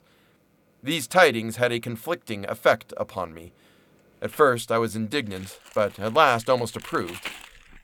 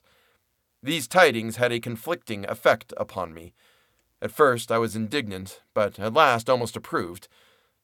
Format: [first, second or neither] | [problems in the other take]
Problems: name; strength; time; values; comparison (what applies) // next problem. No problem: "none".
second | household noises; noticeable; throughout; 20 dB below the speech